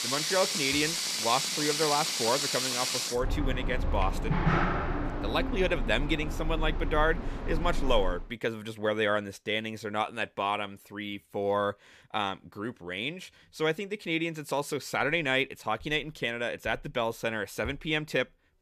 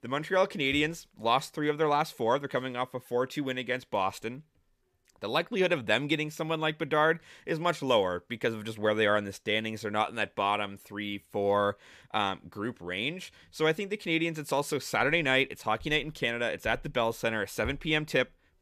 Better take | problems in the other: second | household noises; very loud; until 8 s; as loud as the speech

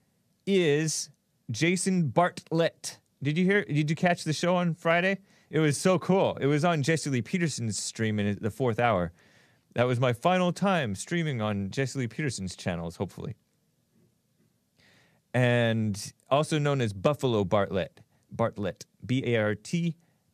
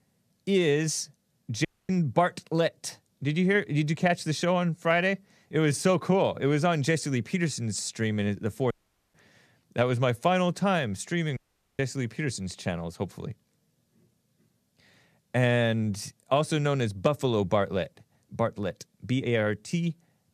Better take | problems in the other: first | audio cutting out; at 1.5 s, at 8.5 s and at 11 s

